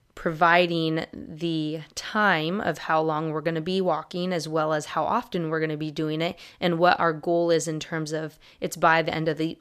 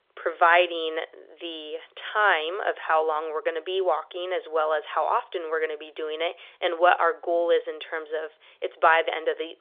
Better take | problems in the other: first | phone-call audio; nothing above 3.5 kHz

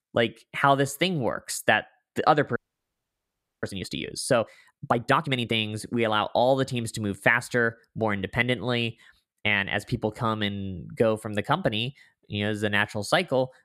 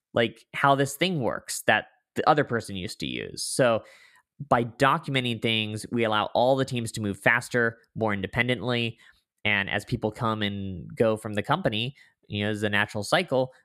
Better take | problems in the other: second | audio freezing; at 2.5 s for 1 s

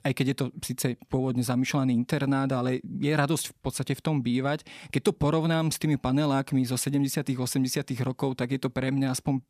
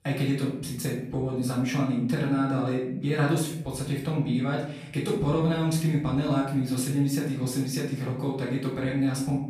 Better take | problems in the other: first | room echo; noticeable; dies away in 0.6 s // off-mic speech; far

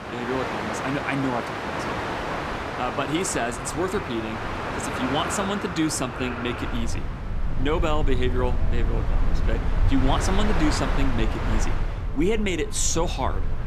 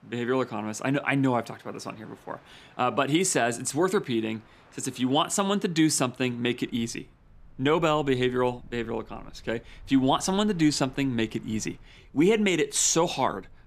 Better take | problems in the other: second | train or aircraft noise; loud; throughout; 1 dB below the speech; faint in the second

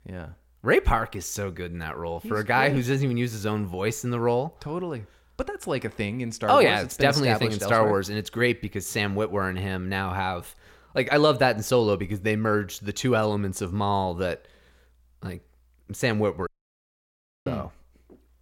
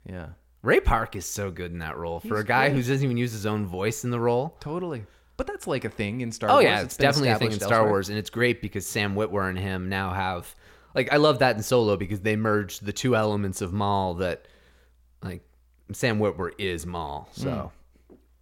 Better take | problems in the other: second | audio cutting out; at 16 s for 1 s

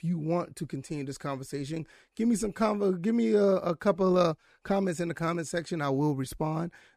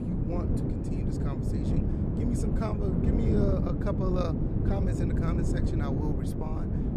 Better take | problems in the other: first | wind noise on the microphone; heavy; 1 dB above the speech

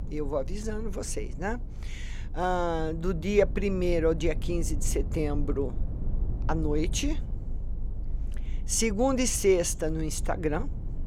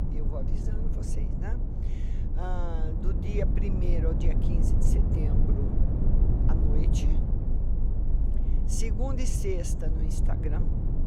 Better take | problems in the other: first | low rumble; loud; throughout; 2 dB below the speech; faint in the first

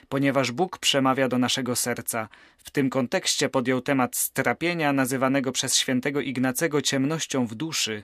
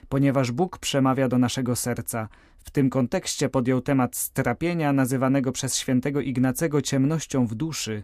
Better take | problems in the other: second | thin; very slightly; fading below 350 Hz

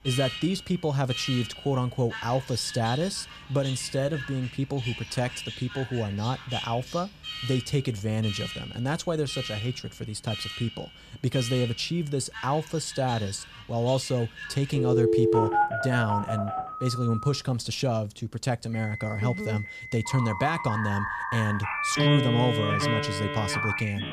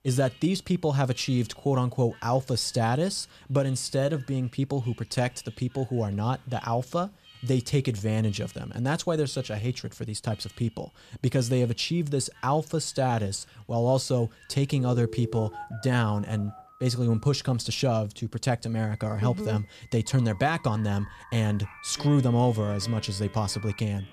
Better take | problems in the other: second | alarms or sirens; loud; throughout; 3 dB below the speech; faint in the second

